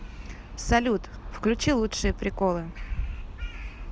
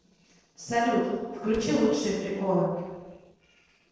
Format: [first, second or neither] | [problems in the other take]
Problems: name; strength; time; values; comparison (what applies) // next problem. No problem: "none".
first | noise reduction (neural separator model SepFormer DNS4)